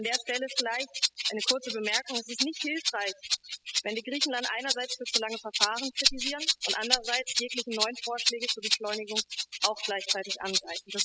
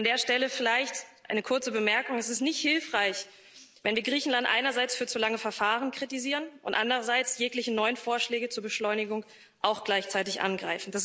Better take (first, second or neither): second